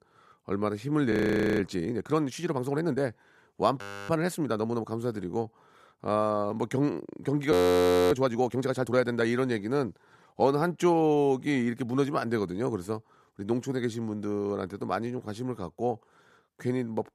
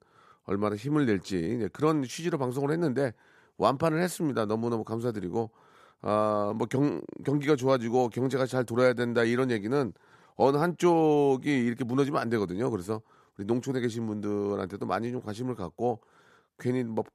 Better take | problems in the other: second | audio freezing; at 1 s, at 4 s and at 7.5 s for 0.5 s

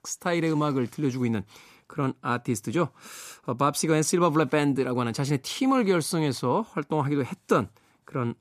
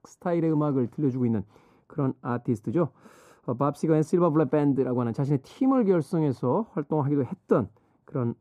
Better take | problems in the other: first | muffled; very; fading above 1.5 kHz

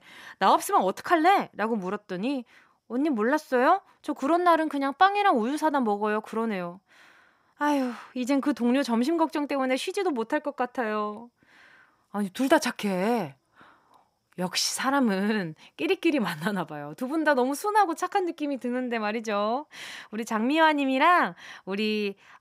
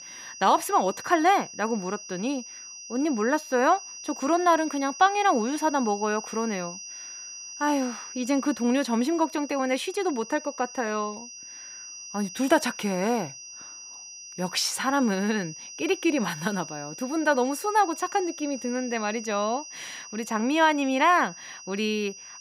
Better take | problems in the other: first | high-pitched whine; noticeable; throughout; 6 kHz, 15 dB below the speech

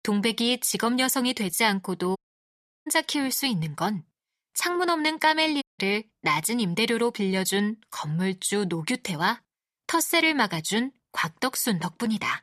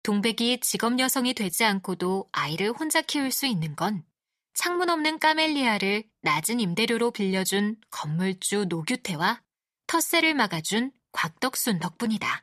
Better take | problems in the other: second | audio cutting out; at 2 s for 0.5 s and at 5.5 s

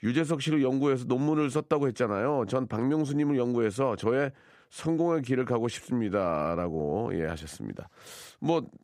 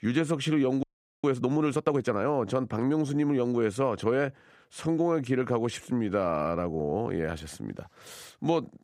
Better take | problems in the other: first | audio freezing; at 1 s

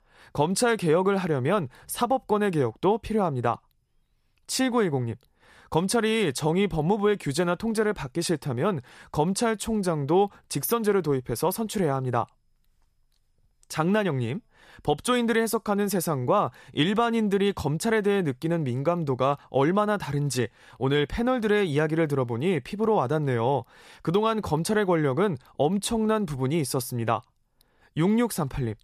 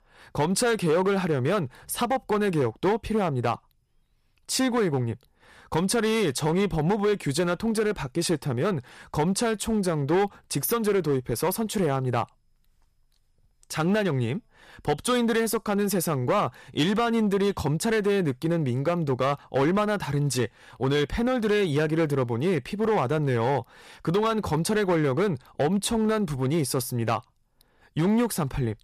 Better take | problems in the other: first | distortion; slight; 7% of the sound clipped

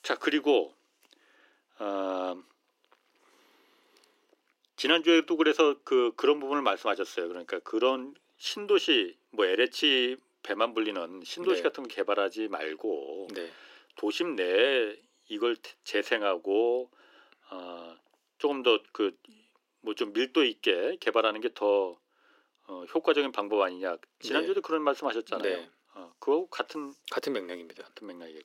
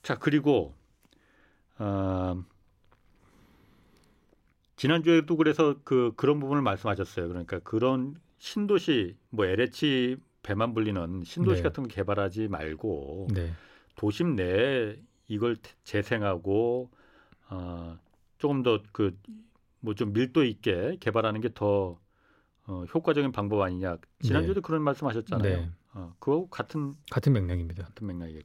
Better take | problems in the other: second | thin; somewhat; fading below 350 Hz

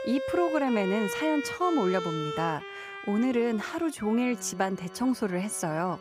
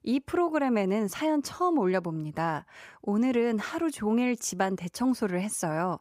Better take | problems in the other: second | background music; loud; throughout; 7 dB below the speech

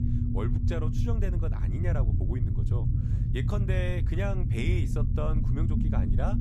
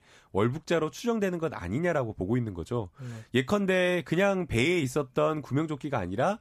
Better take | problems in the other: second | low rumble; loud; throughout; 3 dB below the speech

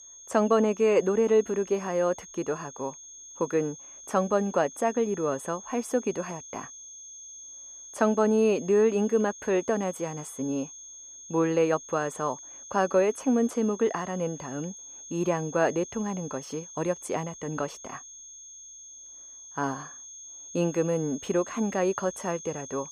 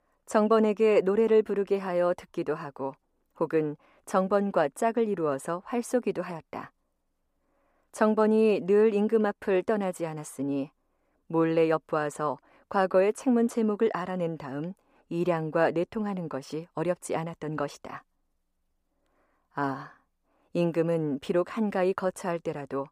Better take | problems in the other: second | high-pitched whine; noticeable; throughout; 6.5 kHz, 15 dB below the speech

